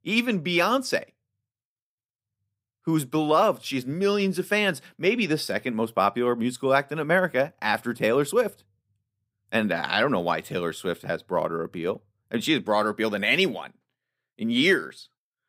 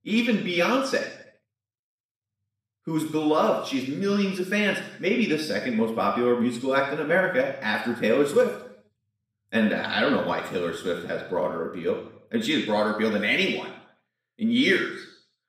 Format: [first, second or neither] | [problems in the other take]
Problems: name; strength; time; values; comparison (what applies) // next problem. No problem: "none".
first | room echo; noticeable; dies away in 0.7 s // off-mic speech; far